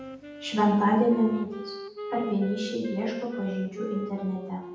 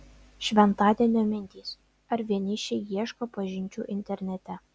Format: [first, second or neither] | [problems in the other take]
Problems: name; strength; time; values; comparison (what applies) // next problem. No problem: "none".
second | background sound (Wind instrument, woodwind instrument); 11 dB below the speech // room echo; dies away in 0.8 s